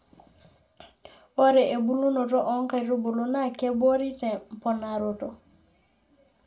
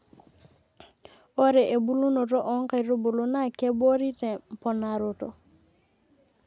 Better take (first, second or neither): second